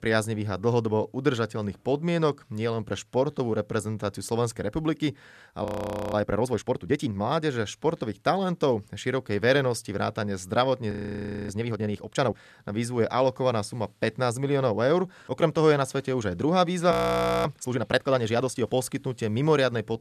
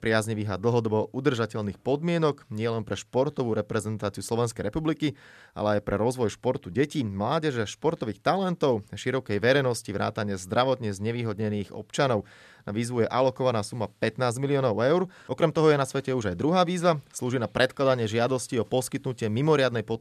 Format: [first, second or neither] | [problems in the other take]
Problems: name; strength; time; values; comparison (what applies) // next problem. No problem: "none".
second | audio freezing; at 5.5 s, at 11 s for 0.5 s and at 17 s for 0.5 s